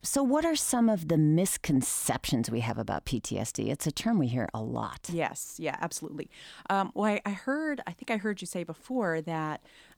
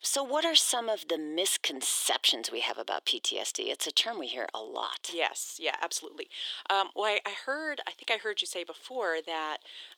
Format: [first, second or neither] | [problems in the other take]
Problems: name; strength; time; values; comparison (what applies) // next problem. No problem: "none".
first | thin; very; fading below 350 Hz